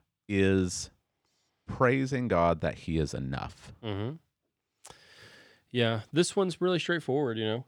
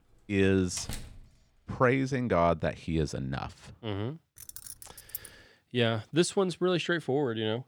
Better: first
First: none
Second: door banging; faint; at 0.5 s; peak 10 dB below the speech // jangling keys; faint; at 4.5 s; peak 10 dB below the speech

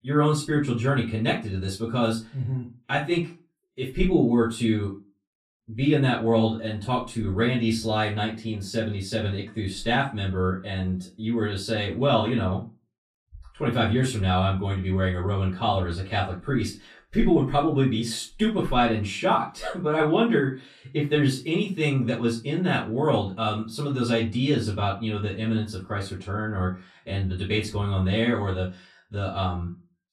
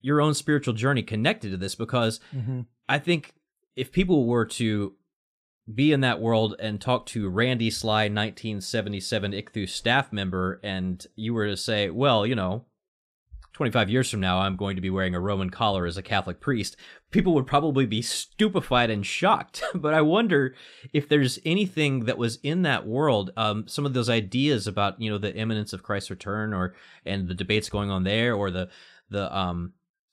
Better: second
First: off-mic speech; far // room echo; slight; dies away in 0.2 s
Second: none

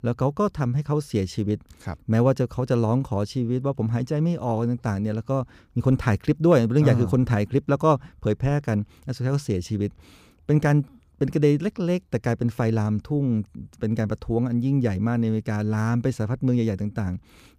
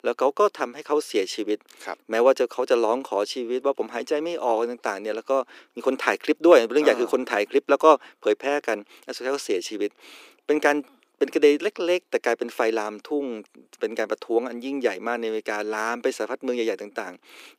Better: first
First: none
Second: thin; very; fading below 350 Hz

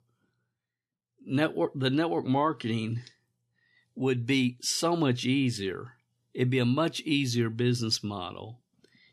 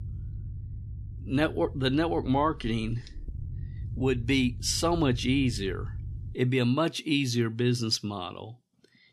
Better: first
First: none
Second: low rumble; faint; until 6.5 s; 25 dB below the speech

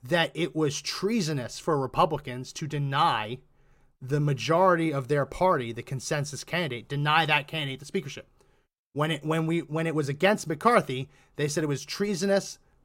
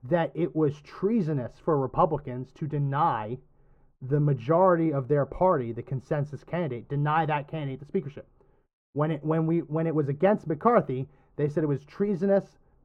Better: first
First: none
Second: muffled; very; fading above 2.5 kHz

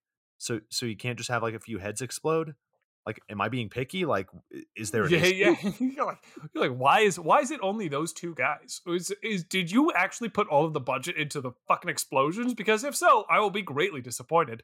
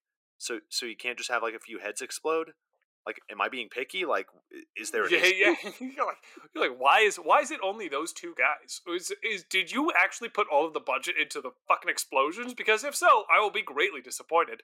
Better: first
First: none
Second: thin; somewhat; fading below 300 Hz

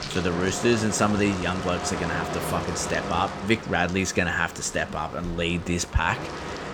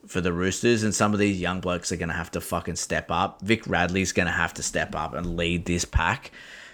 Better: second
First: household noises; loud; throughout; 8 dB below the speech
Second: none

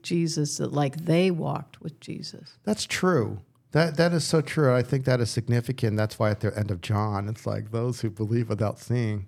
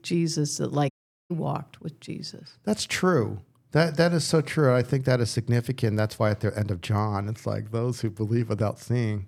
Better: first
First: none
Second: audio cutting out; at 1 s

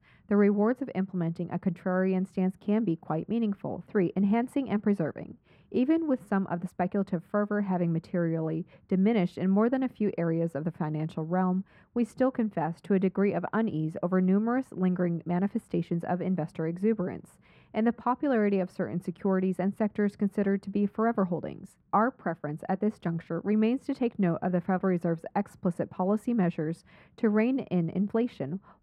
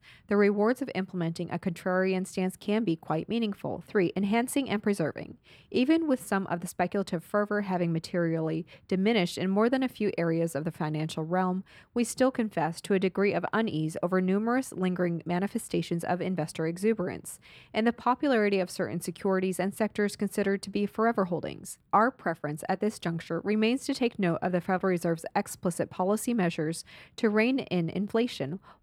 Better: second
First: muffled; very; fading above 2.5 kHz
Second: none

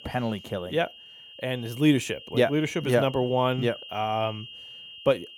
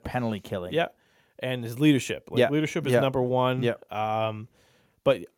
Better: second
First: high-pitched whine; noticeable; throughout; 3 kHz, 15 dB below the speech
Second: none

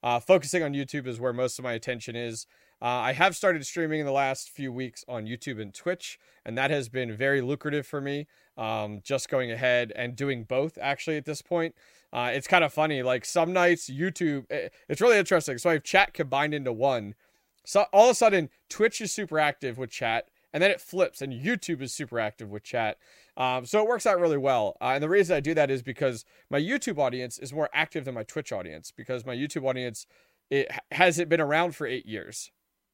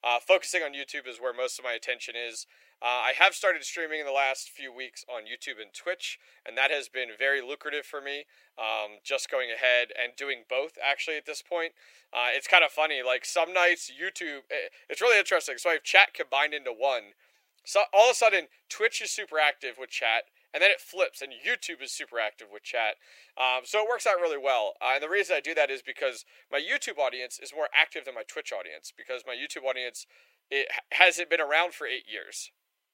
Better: first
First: none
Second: thin; very; fading below 450 Hz

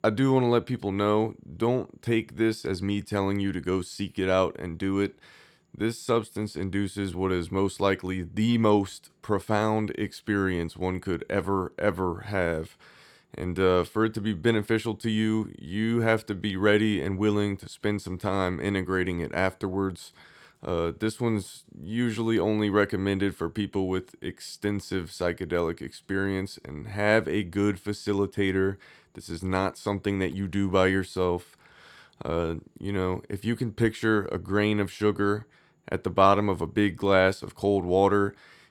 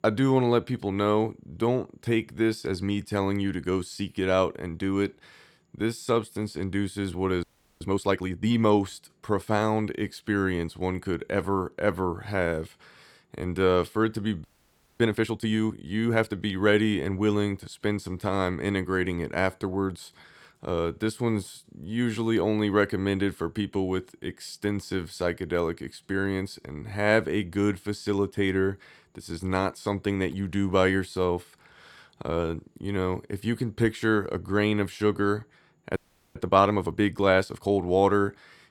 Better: first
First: none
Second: audio freezing; at 7.5 s, at 14 s for 0.5 s and at 36 s

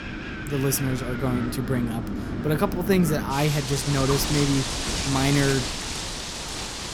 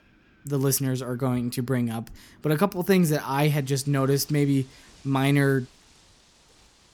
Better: second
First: wind in the background; loud; throughout; 4 dB below the speech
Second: wind in the background; faint; throughout; 30 dB below the speech

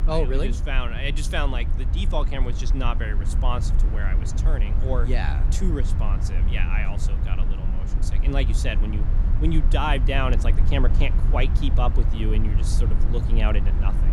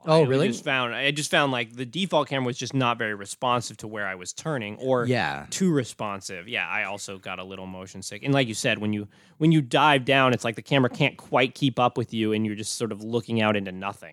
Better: second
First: low rumble; loud; throughout; 9 dB below the speech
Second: none

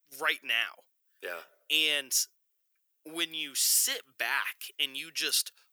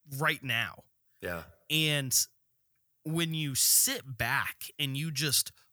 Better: second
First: thin; very; fading below 350 Hz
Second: none

